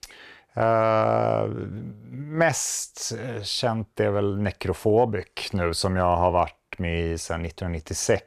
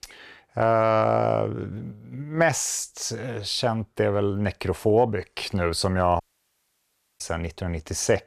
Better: first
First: none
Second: audio cutting out; at 6 s for 1 s

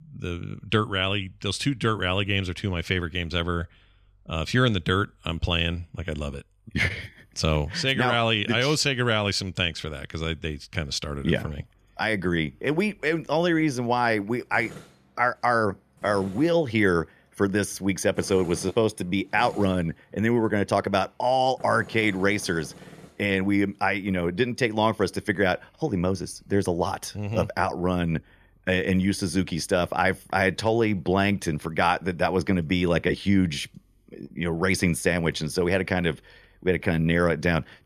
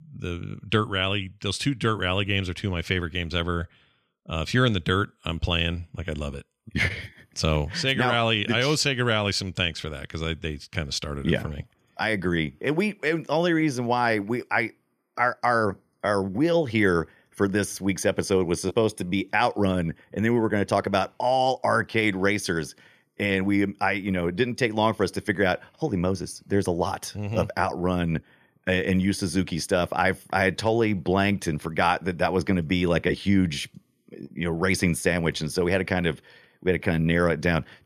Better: second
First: machinery noise; faint; throughout; 25 dB below the speech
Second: none

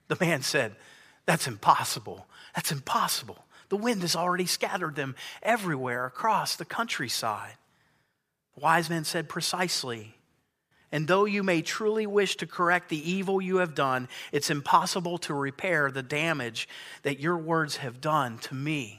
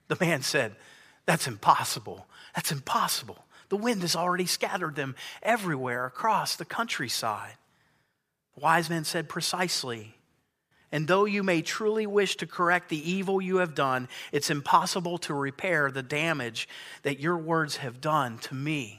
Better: neither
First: none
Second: none

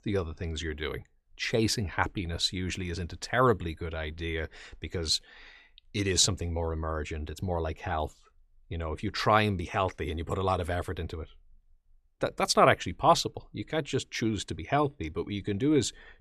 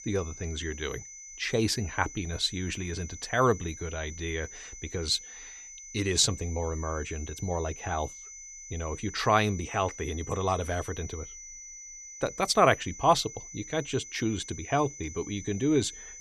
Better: first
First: none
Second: high-pitched whine; noticeable; throughout; 6 kHz, 15 dB below the speech

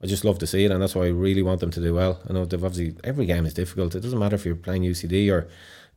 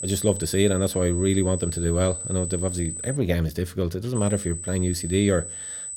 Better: first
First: none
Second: high-pitched whine; loud; until 3 s and from 4 s on; 8 kHz, 7 dB below the speech

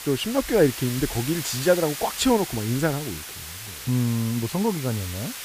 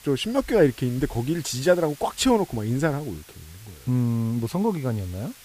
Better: second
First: hiss; loud; throughout; 8 dB below the speech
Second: hiss; faint; throughout; 20 dB below the speech

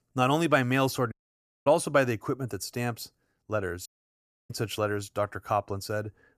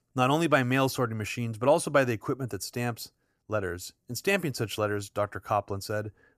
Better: second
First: audio cutting out; at 1 s for 0.5 s and at 4 s for 0.5 s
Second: none

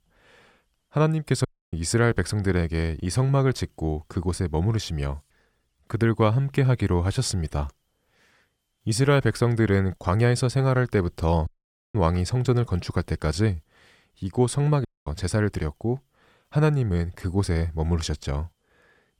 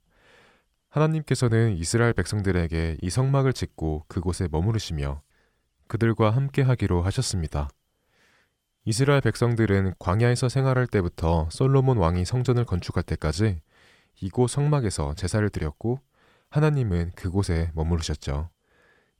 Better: second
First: audio cutting out; at 1.5 s, at 11 s and at 15 s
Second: none

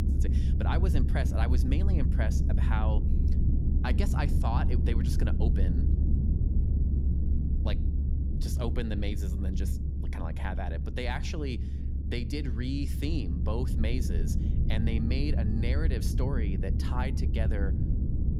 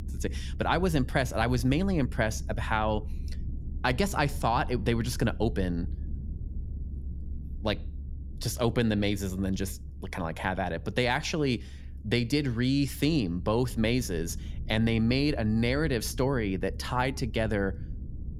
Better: second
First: low rumble; loud; throughout; 5 dB below the speech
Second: low rumble; faint; throughout; 25 dB below the speech

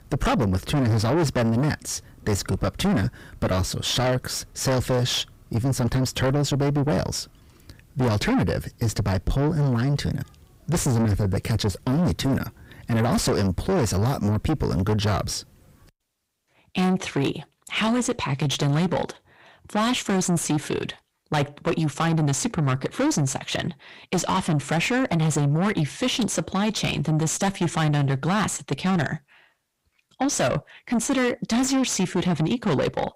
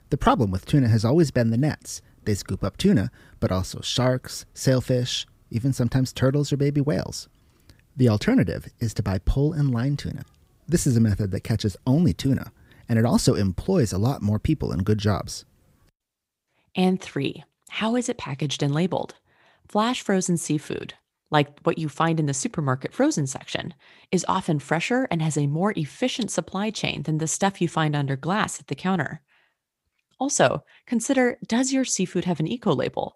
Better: second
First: distortion; heavy; 5 dB below the speech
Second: none

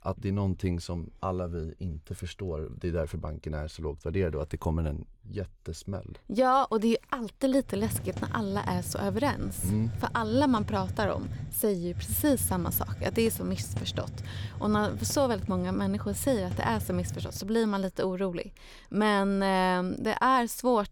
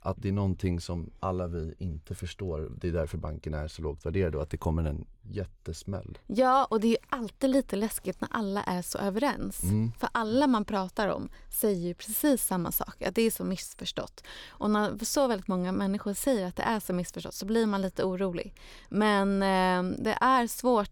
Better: second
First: hiss; loud; from 7.5 to 17 s; 8 dB below the speech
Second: none

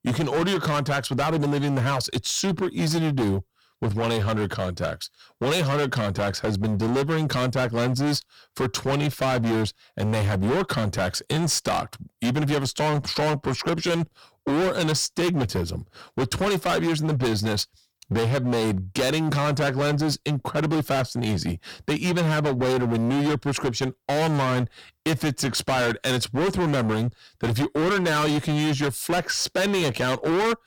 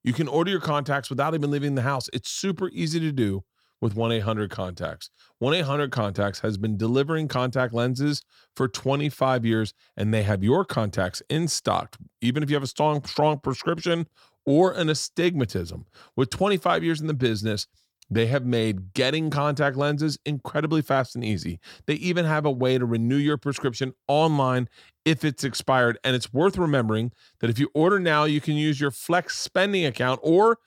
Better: second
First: distortion; heavy; 27% of the sound clipped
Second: none

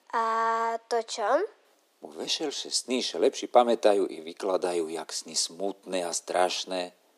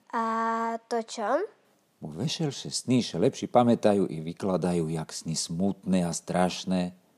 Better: second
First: thin; somewhat; fading below 300 Hz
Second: none

